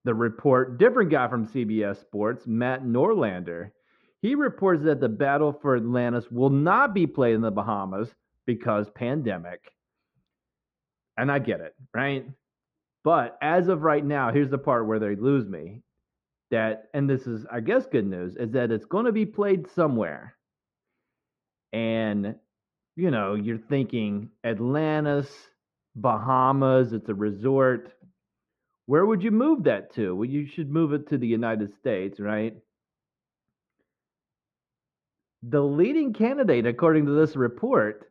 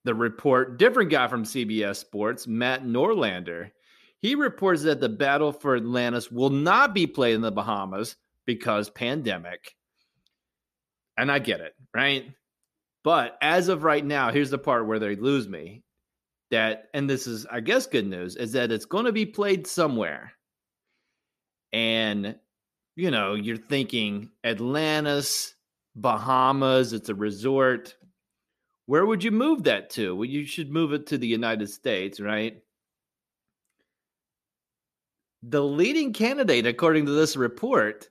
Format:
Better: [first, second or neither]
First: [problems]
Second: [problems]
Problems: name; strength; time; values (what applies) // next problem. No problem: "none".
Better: second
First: muffled; very; fading above 1.5 kHz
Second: none